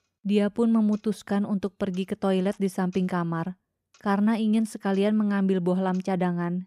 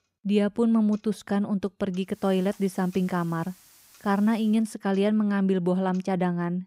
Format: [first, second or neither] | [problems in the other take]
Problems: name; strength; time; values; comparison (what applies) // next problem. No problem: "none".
first | hiss; faint; from 2 to 4.5 s; 25 dB below the speech